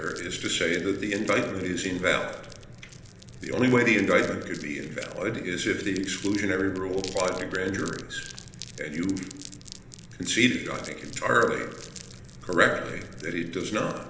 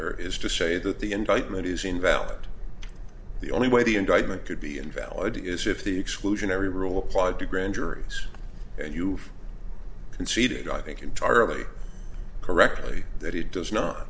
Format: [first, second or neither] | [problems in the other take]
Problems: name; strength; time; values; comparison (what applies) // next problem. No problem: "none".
second | background sound (Crumpling, crinkling); 19 dB below the speech // room echo; dies away in 1 s